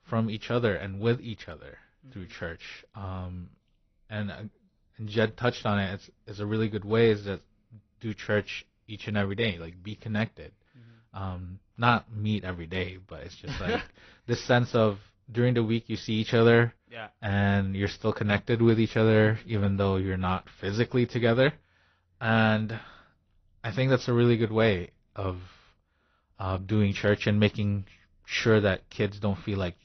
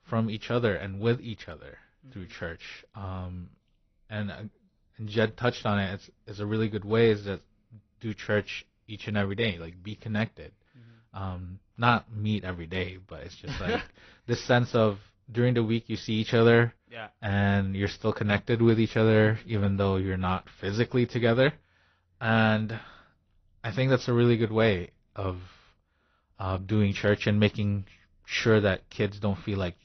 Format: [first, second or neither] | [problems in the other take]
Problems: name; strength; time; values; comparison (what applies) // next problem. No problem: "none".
neither | garbled, watery; slightly; nothing above 6 kHz; the same in both